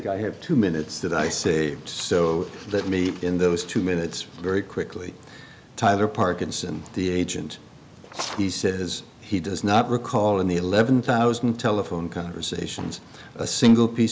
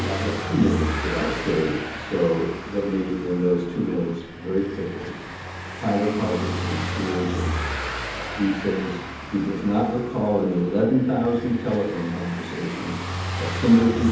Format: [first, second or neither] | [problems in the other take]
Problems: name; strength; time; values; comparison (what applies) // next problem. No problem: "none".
first | background sound (Car passing by / Engine); 7 dB below the speech // room echo; dies away in 0.8 s